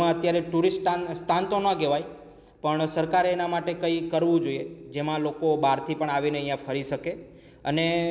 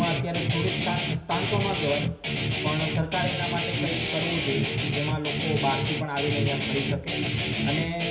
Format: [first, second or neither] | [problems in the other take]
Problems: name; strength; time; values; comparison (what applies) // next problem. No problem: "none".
first | background sound (Guitar); 2 dB above the speech // room echo; dies away in 0.4 s